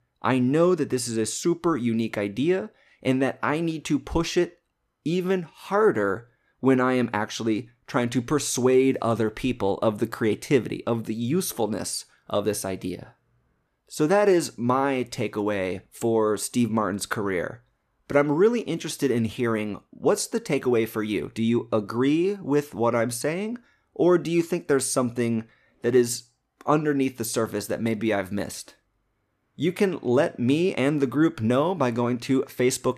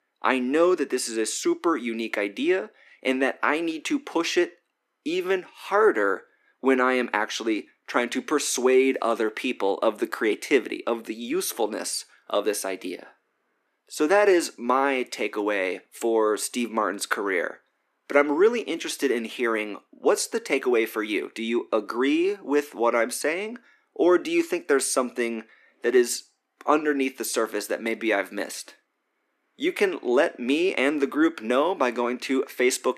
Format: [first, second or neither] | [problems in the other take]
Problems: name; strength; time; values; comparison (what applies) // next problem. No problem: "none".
first | thin; very slightly; fading below 250 Hz